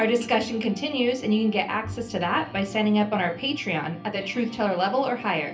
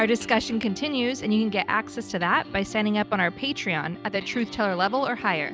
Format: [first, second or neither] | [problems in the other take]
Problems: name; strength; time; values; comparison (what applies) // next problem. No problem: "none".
second | background sound (Bowed string instrument); 20 dB below the speech // room echo; dies away in 0.3 s